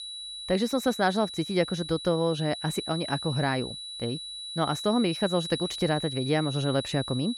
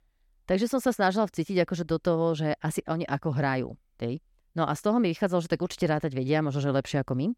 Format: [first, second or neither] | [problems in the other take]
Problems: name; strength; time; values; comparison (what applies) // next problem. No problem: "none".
second | high-pitched whine; loud; throughout; 4 kHz, 7 dB below the speech